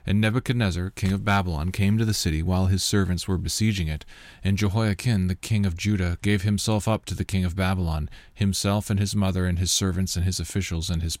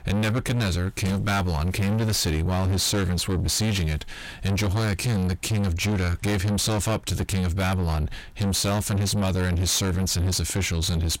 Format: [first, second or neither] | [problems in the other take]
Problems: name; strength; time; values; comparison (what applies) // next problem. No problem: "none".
first | distortion; heavy; 6 dB below the speech